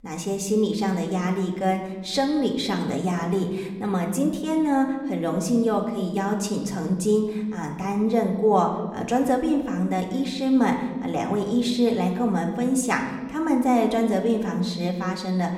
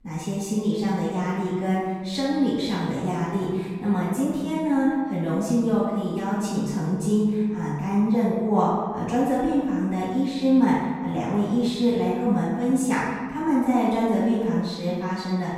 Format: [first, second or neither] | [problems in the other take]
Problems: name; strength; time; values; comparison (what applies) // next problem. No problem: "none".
first | room echo; strong; dies away in 1.6 s; slight in the first // off-mic speech; far